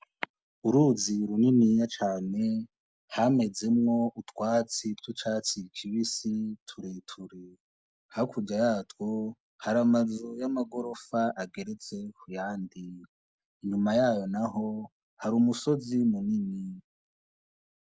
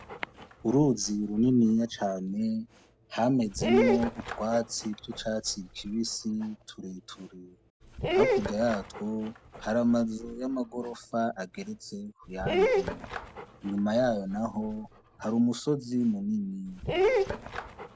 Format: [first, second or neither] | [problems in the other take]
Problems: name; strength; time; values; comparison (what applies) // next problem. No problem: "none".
first | background sound (Dog); 4 dB below the speech